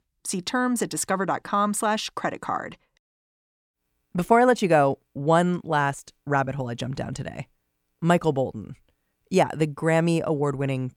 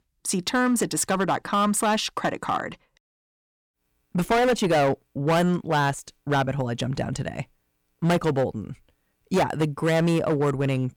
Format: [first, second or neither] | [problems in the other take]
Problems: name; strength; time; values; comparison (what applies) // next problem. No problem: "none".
first | distortion; heavy; 9% of the sound clipped